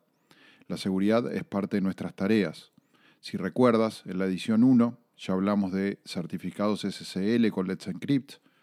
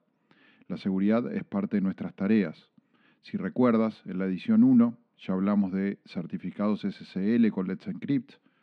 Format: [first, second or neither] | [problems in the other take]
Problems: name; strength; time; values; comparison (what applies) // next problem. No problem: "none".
first | muffled; slightly; fading above 2.5 kHz